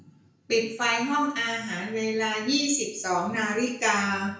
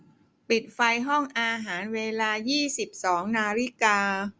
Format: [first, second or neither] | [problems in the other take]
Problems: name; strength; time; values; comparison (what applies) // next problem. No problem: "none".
second | room echo; dies away in 0.5 s